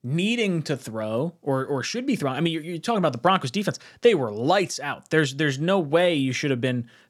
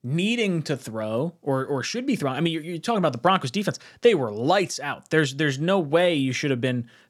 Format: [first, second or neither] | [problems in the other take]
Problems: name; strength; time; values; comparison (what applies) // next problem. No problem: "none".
neither | none